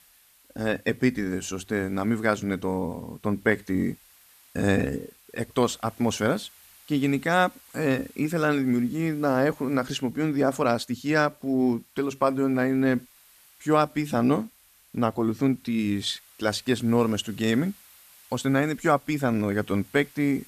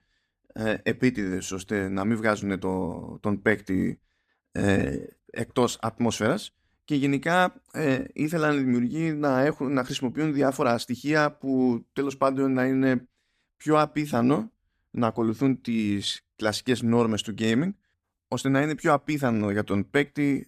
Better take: second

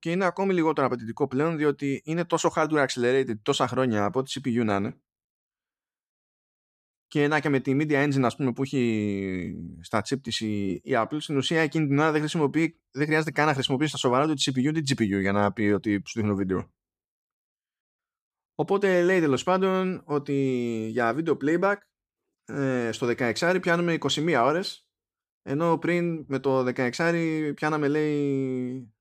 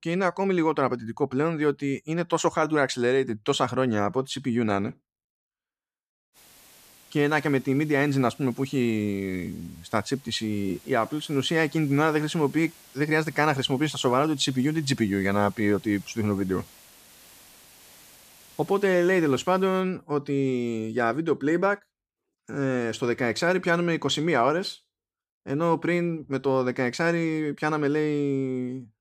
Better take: first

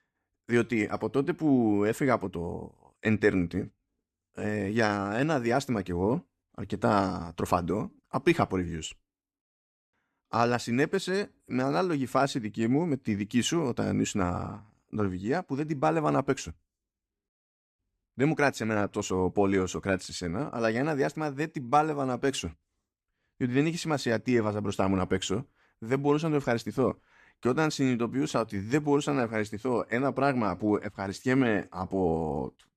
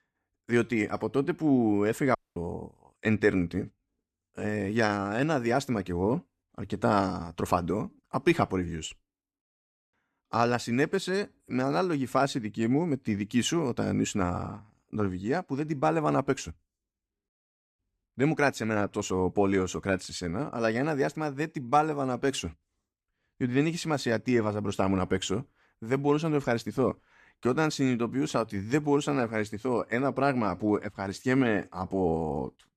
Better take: first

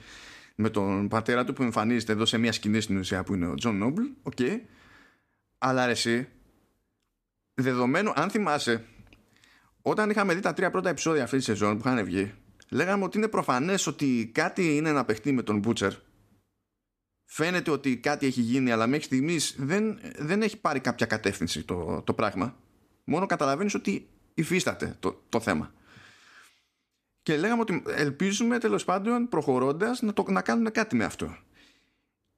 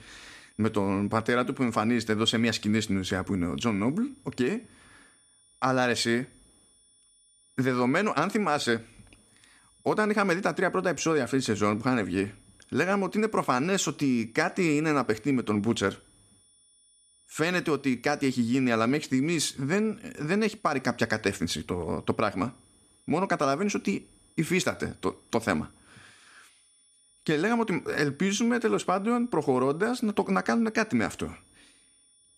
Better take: first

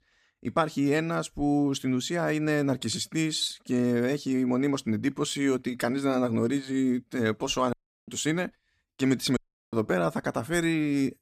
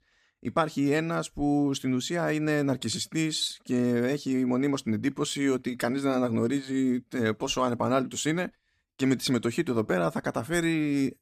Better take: second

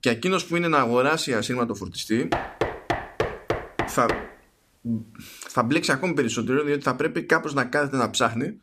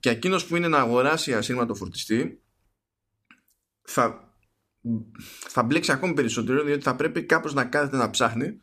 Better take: second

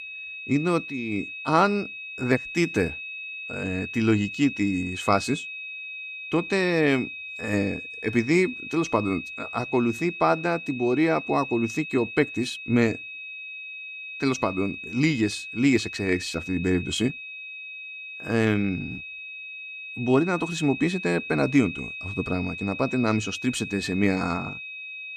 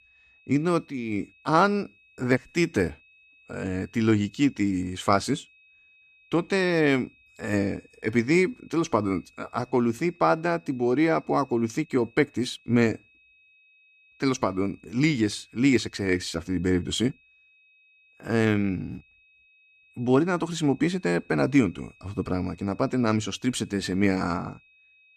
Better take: second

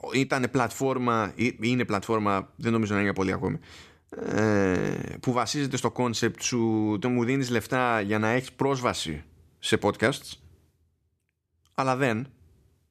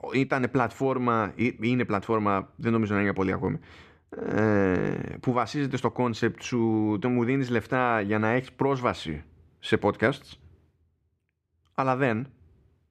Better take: first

